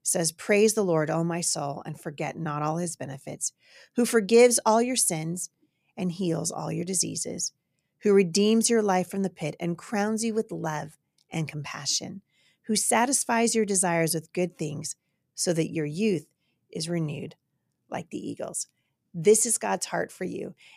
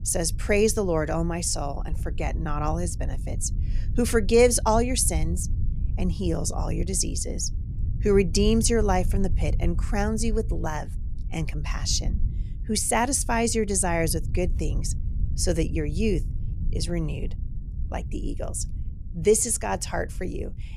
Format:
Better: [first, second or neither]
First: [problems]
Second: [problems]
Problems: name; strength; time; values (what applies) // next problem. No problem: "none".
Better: first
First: none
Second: low rumble; faint; throughout; 20 dB below the speech